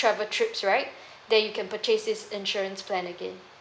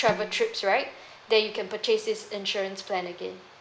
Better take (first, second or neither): first